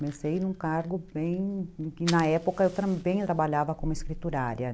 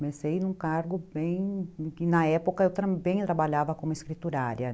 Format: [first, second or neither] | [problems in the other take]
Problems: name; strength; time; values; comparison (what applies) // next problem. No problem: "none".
second | background sound (Fire); 14 dB below the speech